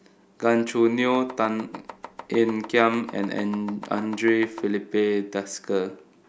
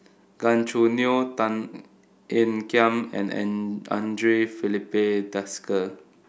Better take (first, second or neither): second